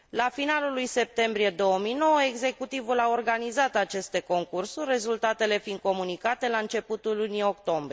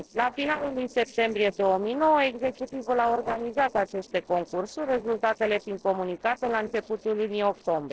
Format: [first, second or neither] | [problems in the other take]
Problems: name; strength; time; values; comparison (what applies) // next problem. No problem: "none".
first | noise reduction (neural separator model SepFormer DNS4)